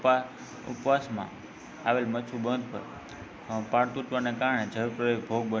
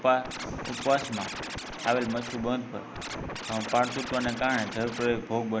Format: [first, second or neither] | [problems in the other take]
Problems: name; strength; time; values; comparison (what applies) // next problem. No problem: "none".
first | background sound (Scratching (performance technique)); 8 dB below the speech